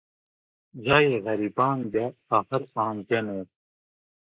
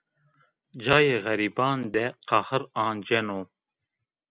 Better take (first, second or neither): second